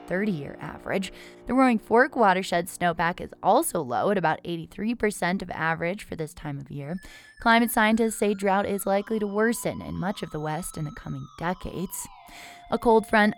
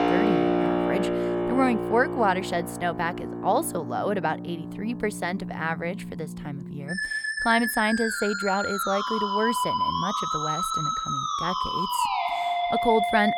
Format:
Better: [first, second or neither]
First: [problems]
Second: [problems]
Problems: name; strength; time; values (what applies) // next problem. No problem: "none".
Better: first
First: background music; faint; throughout; 25 dB below the speech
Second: background music; loud; throughout; as loud as the speech